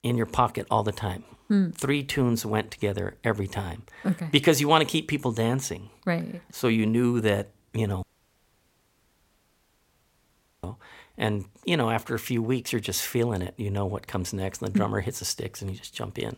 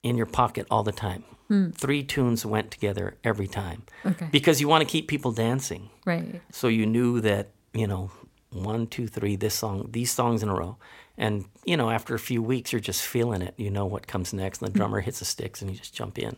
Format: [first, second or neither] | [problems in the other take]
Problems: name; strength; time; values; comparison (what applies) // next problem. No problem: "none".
second | audio cutting out; at 8 s for 2.5 s